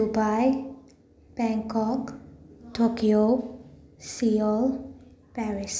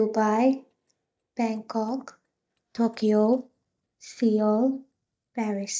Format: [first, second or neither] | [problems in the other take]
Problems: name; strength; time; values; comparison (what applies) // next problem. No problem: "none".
first | noise reduction (neural mask model DeepFilterNet 3)